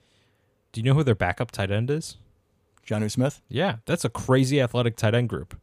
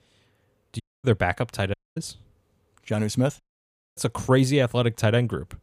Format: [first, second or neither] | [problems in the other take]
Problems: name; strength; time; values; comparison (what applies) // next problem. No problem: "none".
first | audio cutting out; at 1 s, at 1.5 s and at 3.5 s for 0.5 s